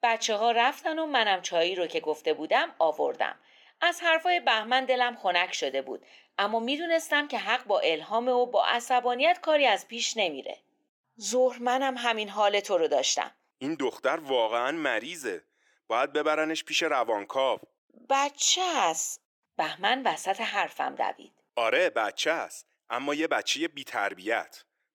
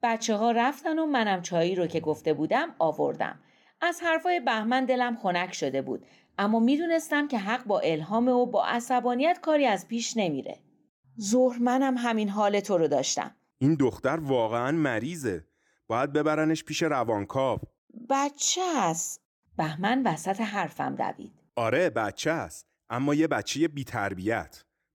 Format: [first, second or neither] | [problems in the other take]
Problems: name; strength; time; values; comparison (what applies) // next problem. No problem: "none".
second | thin; somewhat; fading below 500 Hz